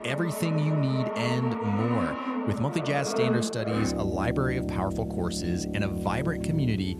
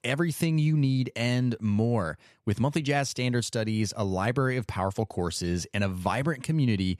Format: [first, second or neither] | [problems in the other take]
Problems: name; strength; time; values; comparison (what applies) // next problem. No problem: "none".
second | background music; loud; throughout; 2 dB below the speech